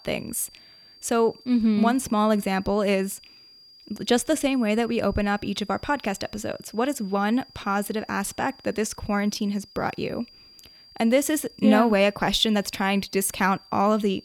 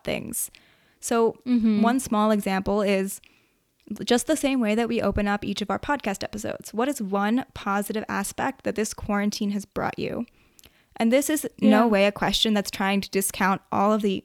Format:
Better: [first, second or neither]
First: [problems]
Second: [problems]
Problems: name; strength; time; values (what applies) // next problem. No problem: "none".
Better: second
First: high-pitched whine; faint; throughout; 5 kHz, 25 dB below the speech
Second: none